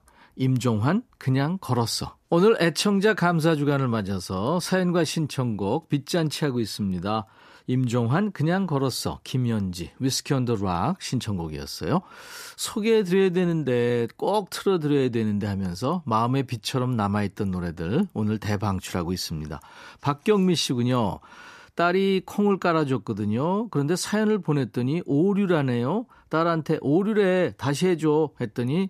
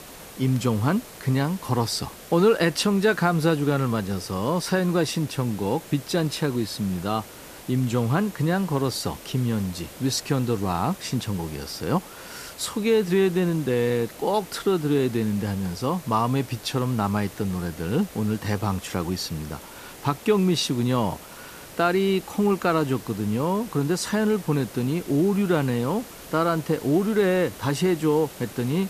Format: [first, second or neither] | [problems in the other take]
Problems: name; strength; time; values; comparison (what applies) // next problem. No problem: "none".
first | hiss; noticeable; throughout; 15 dB below the speech